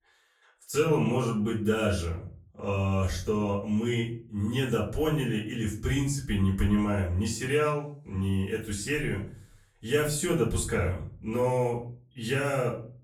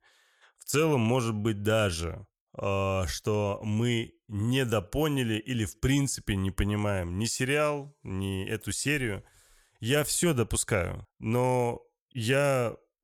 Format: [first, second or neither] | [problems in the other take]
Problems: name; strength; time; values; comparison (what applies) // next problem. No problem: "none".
second | off-mic speech; far // room echo; slight; dies away in 0.4 s